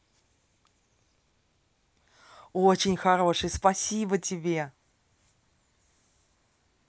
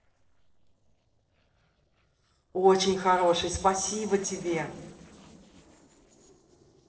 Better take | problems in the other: first | noise reduction (neural separator model SepFormer DNS4)

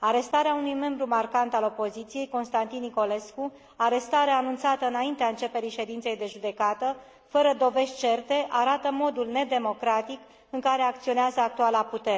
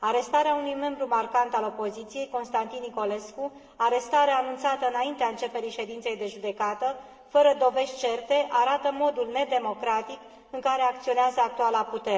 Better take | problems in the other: first | room echo; dies away in 1.6 s

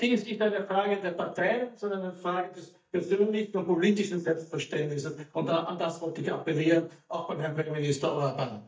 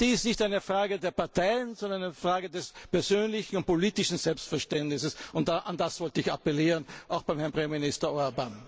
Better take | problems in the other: second | noise reduction (neural mask model DeepFilterNet 3)

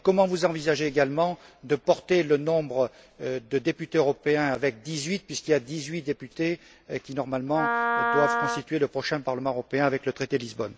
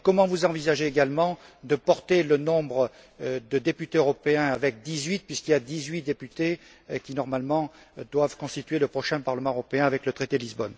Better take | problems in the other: second | background sound (Wind instrument, woodwind instrument); 2 dB below the speech

